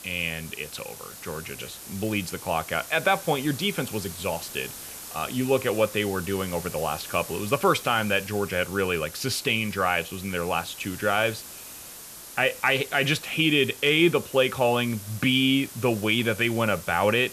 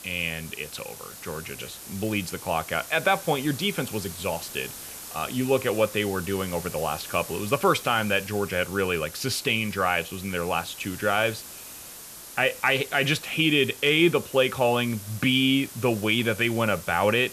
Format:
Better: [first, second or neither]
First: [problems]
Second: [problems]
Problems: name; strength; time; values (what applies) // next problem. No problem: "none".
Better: neither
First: hiss; noticeable; throughout; 15 dB below the speech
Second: hiss; noticeable; throughout; 15 dB below the speech